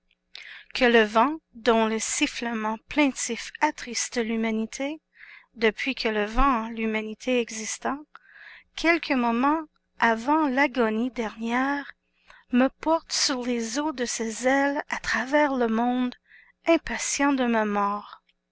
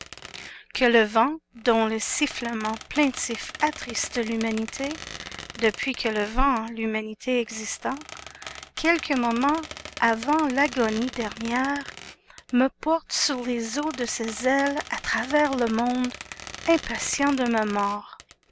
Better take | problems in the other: first | background sound (Squeak); 16 dB below the speech

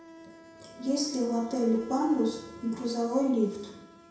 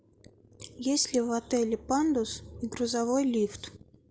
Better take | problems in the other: second | background sound (Insect); 19 dB below the speech // room echo; dies away in 0.7 s

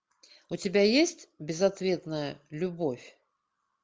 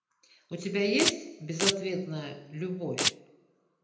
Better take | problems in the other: first | background sound (Domestic sounds, home sounds); 2 dB above the speech // room echo; dies away in 0.8 s

